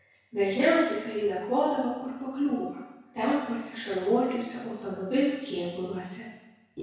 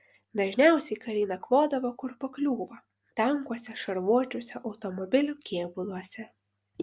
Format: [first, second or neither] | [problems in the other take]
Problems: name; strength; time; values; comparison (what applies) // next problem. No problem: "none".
second | room echo; dies away in 1 s